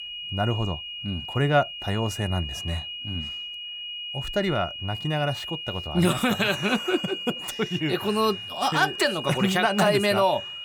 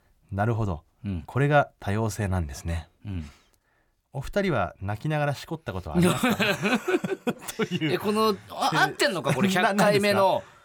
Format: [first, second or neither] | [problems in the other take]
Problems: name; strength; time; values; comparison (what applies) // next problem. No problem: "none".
second | high-pitched whine; loud; throughout; 3 kHz, 7 dB below the speech